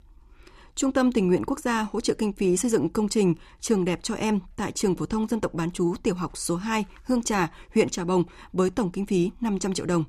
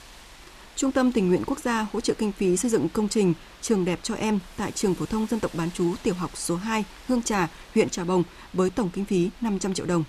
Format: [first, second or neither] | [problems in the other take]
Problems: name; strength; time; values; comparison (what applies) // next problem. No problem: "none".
first | hiss; faint; throughout; 20 dB below the speech